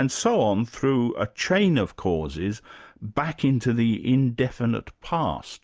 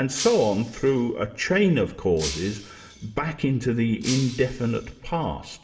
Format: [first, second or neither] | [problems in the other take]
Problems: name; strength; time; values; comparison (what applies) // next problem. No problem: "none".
first | background sound (Shatter); 14 dB below the speech // room echo; dies away in 2.2 s